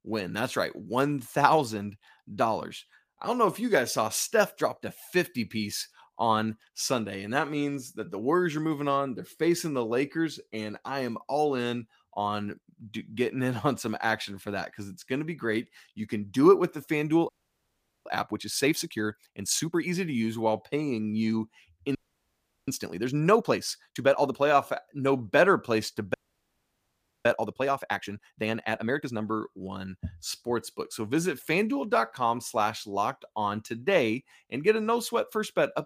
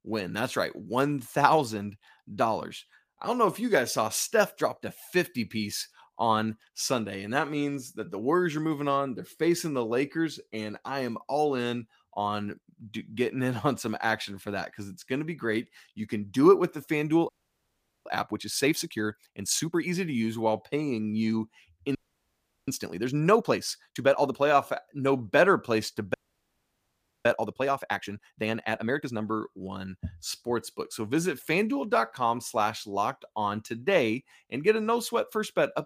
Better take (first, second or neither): neither